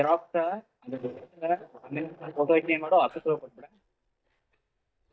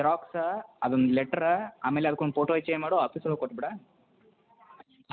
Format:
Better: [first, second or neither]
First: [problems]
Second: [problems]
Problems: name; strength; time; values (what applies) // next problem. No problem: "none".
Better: second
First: noise reduction (neural mask model DeepFilterNet 3)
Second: none